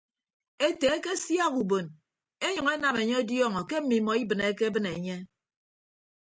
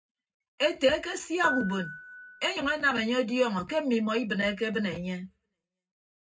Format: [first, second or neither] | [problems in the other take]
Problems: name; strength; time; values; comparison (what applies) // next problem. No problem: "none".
first | background sound (Piano); 7 dB below the speech // room echo; dies away in 0.3 s